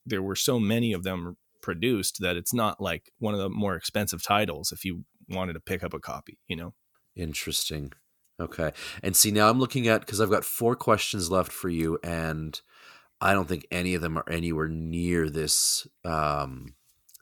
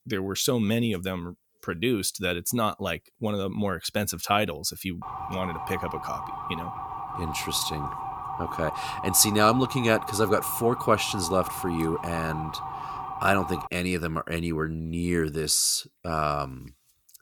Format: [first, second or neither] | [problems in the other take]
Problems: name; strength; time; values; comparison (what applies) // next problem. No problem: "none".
first | siren; noticeable; from 5 to 14 s; peak 7 dB below the speech